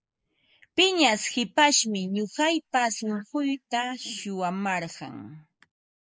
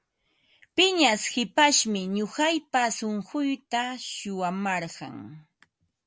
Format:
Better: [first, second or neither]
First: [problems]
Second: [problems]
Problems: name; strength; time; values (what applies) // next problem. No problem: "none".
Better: second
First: noise reduction (neural mask model Resemble Enhance denoiser)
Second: none